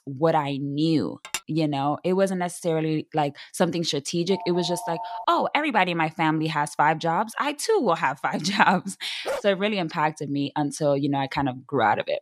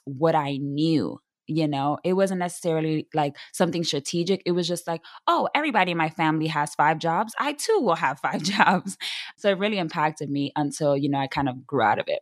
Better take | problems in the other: second | clattering dishes; noticeable; at 1 s; peak 8 dB below the speech // phone ringing; noticeable; at 4.5 s; peak 9 dB below the speech // dog barking; noticeable; at 9.5 s; peak 7 dB below the speech

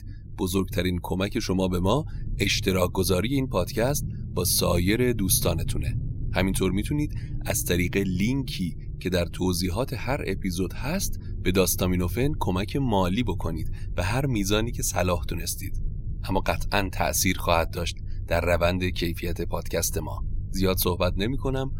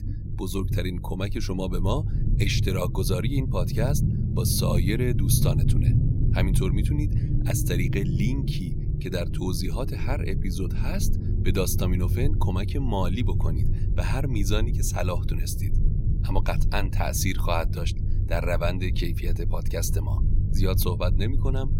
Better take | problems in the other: first | low rumble; loud; throughout; 7 dB below the speech; faint in the first

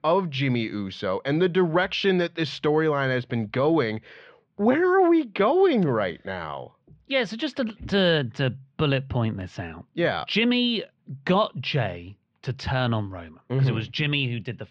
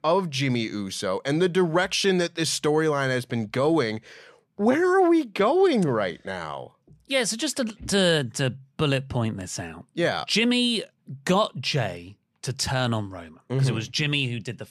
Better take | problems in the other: second | muffled; slightly; fading above 3.5 kHz

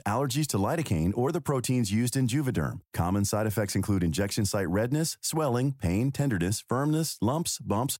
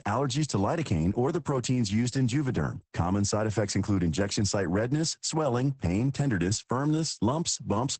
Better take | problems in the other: first | garbled, watery; badly; nothing above 8 kHz

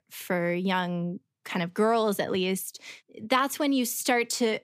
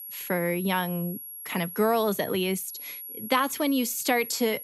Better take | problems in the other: first | high-pitched whine; loud; throughout; 11.5 kHz, 10 dB below the speech

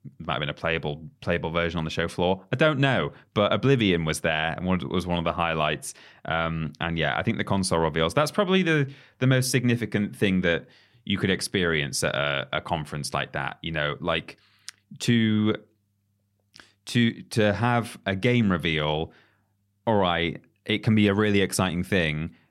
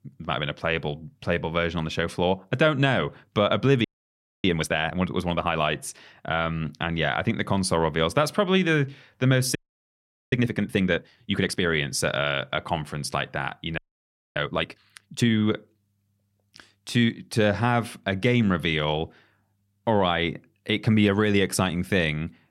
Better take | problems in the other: first | audio freezing; at 4 s for 0.5 s, at 9.5 s for 1 s and at 14 s for 0.5 s

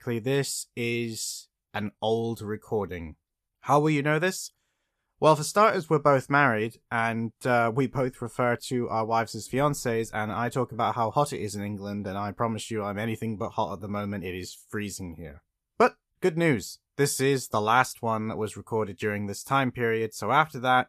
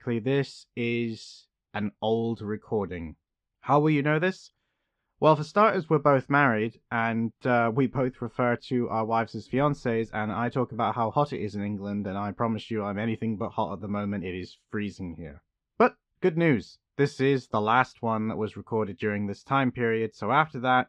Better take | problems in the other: first | muffled; slightly; fading above 4 kHz

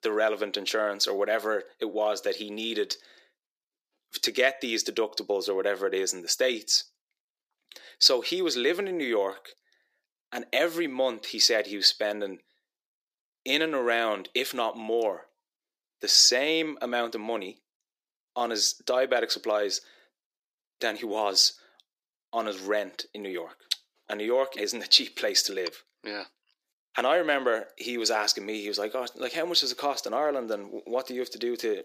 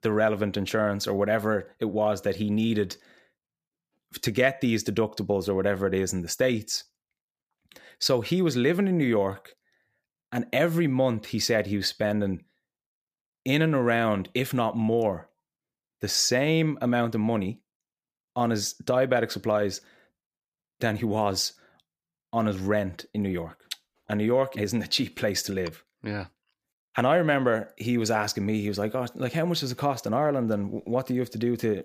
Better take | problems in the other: second | thin; somewhat; fading below 350 Hz

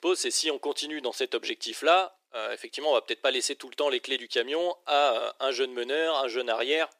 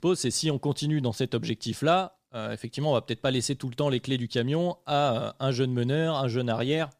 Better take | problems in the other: second | thin; very; fading below 350 Hz

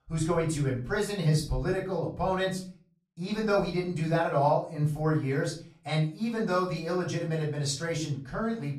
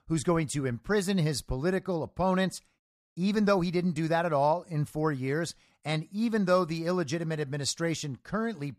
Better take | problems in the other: second | off-mic speech; far // room echo; slight; dies away in 0.3 s

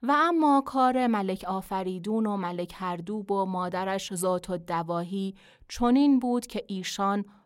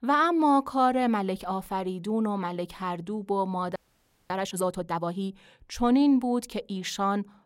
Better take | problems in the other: first | audio freezing; at 4 s for 0.5 s

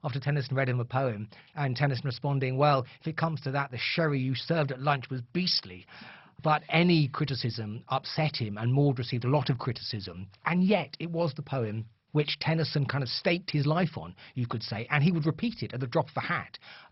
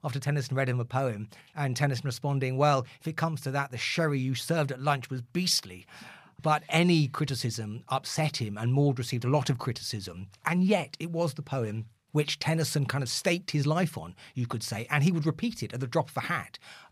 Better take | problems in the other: second | garbled, watery; badly; nothing above 5.5 kHz

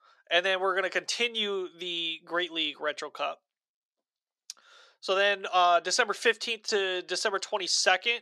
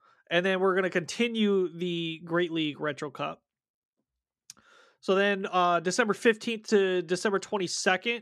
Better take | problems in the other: second | thin; very; fading below 550 Hz

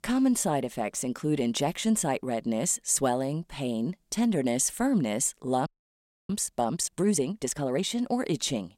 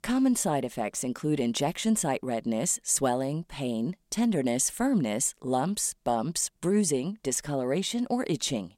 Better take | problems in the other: second | audio freezing; at 5.5 s for 0.5 s

